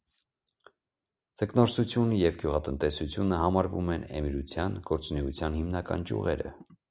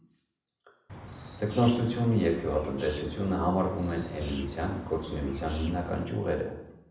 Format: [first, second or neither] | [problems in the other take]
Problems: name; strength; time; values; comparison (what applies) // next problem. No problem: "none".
first | background sound (Bird); 14 dB below the speech // room echo; dies away in 0.7 s